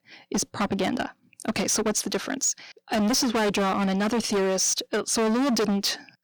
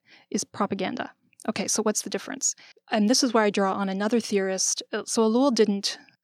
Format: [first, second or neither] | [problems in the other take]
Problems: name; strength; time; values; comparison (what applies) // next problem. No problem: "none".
second | distortion; heavy; 24% of the sound clipped